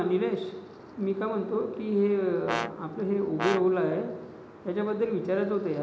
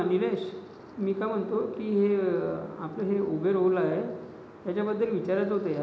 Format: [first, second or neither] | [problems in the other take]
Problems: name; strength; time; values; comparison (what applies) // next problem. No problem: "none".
second | background sound (Brass instrument); 7 dB below the speech